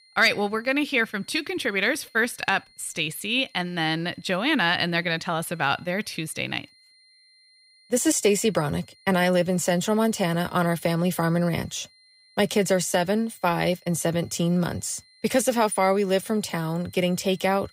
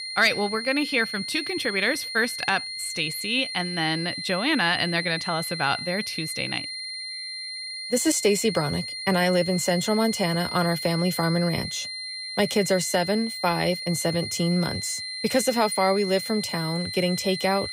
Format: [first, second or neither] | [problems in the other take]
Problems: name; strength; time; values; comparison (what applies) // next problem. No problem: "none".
first | high-pitched whine; loud; throughout; 4 kHz, 6 dB below the speech; faint in the first